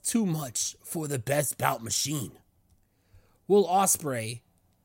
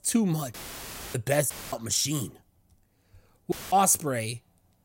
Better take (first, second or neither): first